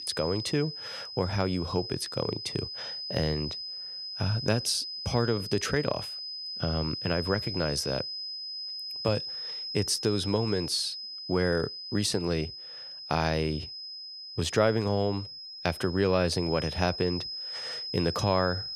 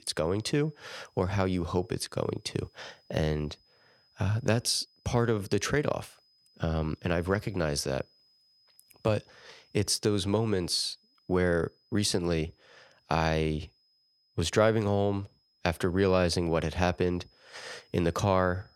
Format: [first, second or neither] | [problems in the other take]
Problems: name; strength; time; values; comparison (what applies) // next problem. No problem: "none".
second | high-pitched whine; loud; throughout; 5 kHz, 6 dB below the speech; faint in the second